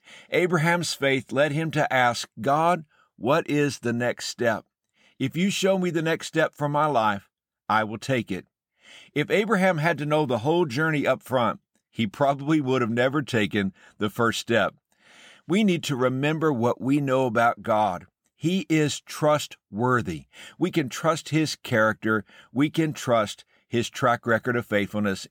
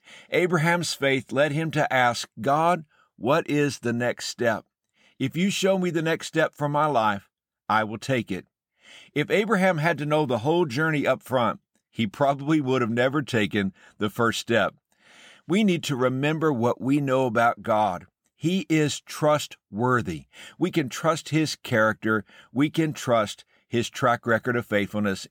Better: neither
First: none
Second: none

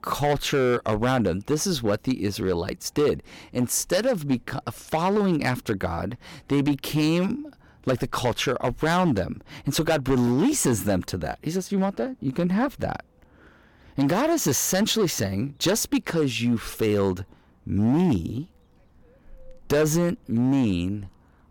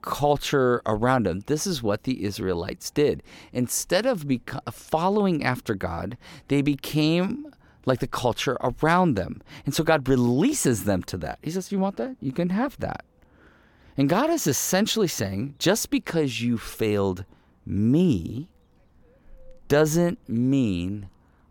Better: second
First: distortion; slight; 6% of the sound clipped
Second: none

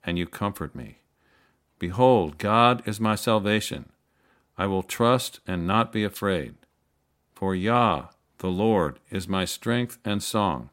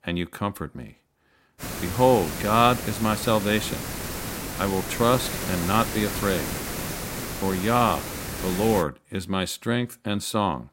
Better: first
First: none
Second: hiss; loud; from 1.5 to 9 s; 6 dB below the speech

